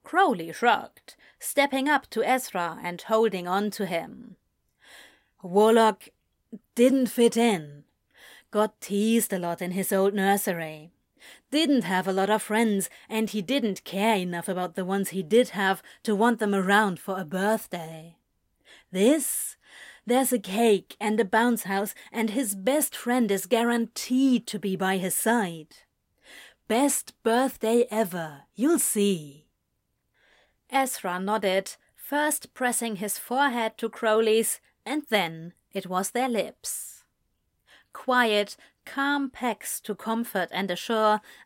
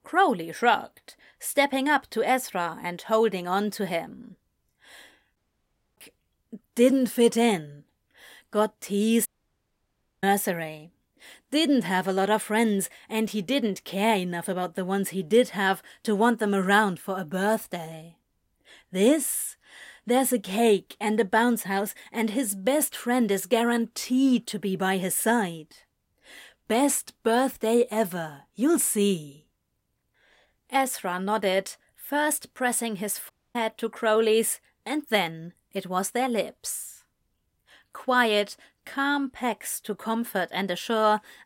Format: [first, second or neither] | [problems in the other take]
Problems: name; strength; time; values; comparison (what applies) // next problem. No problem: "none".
first | audio cutting out; at 5.5 s for 0.5 s, at 9.5 s for 1 s and at 33 s